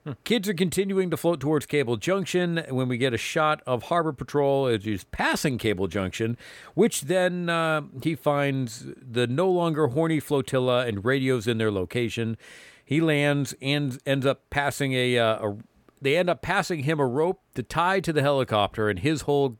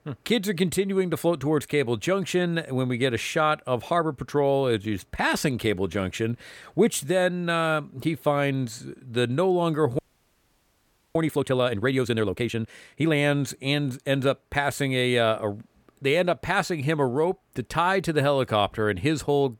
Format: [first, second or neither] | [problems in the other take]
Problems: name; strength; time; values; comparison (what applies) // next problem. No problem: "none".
first | audio freezing; at 10 s for 1 s